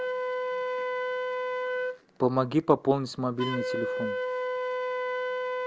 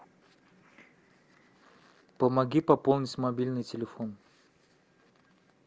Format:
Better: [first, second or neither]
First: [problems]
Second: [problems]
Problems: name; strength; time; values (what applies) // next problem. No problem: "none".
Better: second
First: background sound (Wind instrument, woodwind instrument); as loud as the speech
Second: none